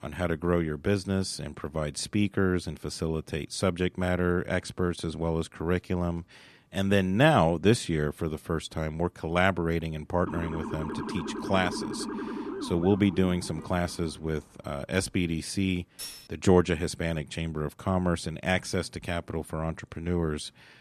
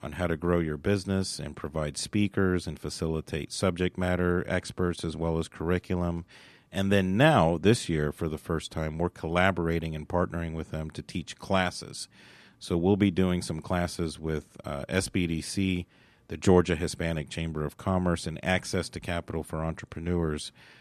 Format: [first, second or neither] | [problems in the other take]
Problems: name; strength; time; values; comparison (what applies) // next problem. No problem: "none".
second | siren; noticeable; from 10 to 14 s; peak 6 dB below the speech // clattering dishes; faint; at 16 s; peak 10 dB below the speech